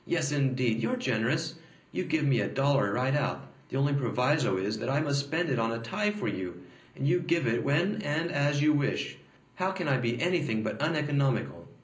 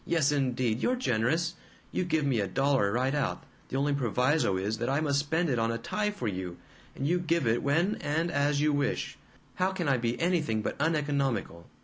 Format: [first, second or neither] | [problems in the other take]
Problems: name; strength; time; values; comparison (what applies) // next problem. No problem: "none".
second | room echo; dies away in 0.5 s